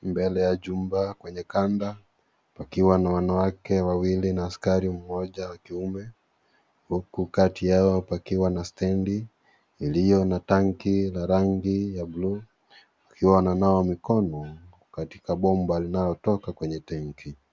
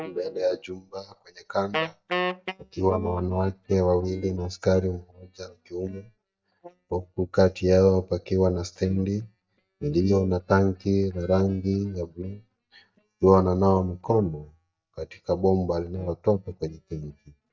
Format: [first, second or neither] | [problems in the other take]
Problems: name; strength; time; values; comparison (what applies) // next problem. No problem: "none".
first | noise reduction (neural mask model DeepFilterNet 3)